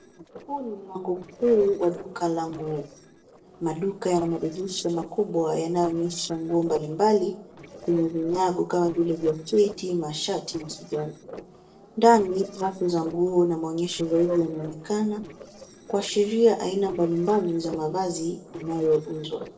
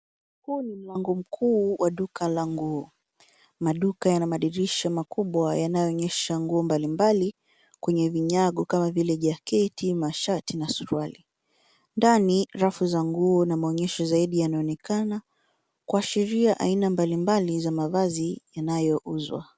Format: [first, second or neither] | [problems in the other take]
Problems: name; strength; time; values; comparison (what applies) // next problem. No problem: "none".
second | noise reduction (neural separator model SepFormer DNS4)